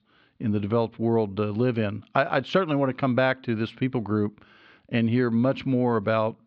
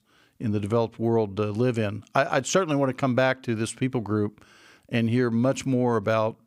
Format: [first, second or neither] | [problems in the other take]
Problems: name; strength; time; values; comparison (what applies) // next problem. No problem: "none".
second | muffled; slightly; fading above 4 kHz